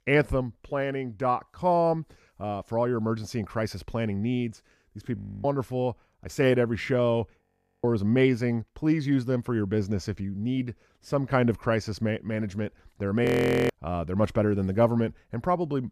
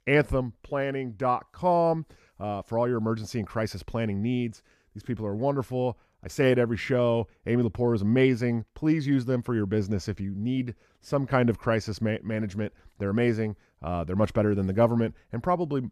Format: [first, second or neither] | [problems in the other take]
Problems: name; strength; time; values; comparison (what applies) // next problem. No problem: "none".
second | audio freezing; at 5 s, at 7.5 s and at 13 s